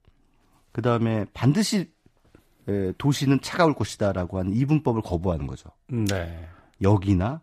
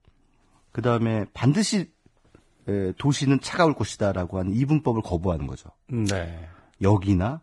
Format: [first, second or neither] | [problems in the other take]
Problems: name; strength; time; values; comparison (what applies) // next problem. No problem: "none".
first | garbled, watery; badly; slightly in the first